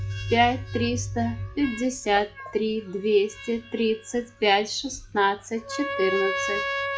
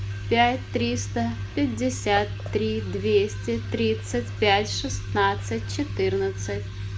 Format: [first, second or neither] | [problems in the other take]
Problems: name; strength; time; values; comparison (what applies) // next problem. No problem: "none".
second | noise reduction (classical method log-MMSE)